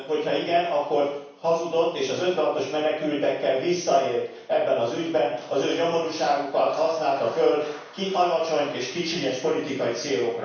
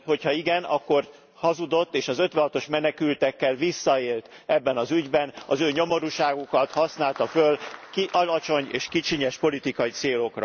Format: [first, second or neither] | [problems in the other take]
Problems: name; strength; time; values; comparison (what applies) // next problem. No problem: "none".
second | room echo; dies away in 0.7 s